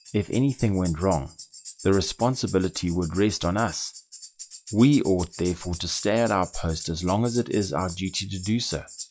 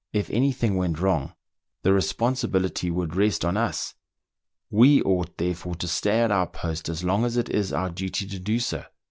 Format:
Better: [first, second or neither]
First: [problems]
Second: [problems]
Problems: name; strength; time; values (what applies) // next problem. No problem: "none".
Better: second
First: noise reduction (classical method log-MMSE)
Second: none